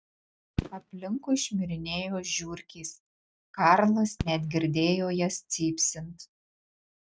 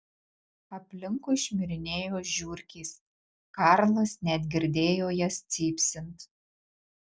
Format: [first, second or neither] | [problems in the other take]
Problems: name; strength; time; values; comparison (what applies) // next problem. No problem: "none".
second | noise reduction (neural mask model RNNoise)